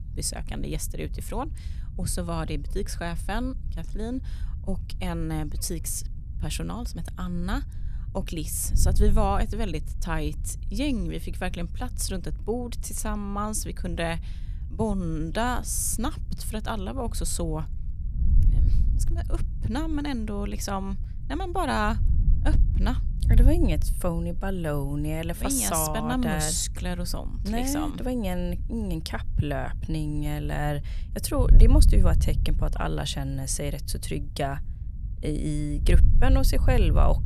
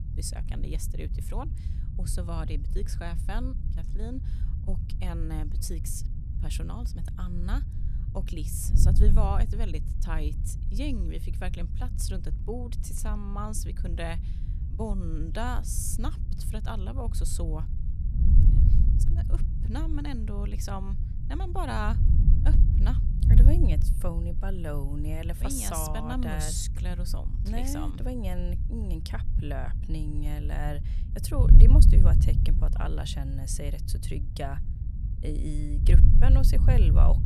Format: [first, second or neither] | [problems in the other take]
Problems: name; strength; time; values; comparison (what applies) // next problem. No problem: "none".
first | wind noise on the microphone; heavy; 6 dB below the speech; occasional gusts in the first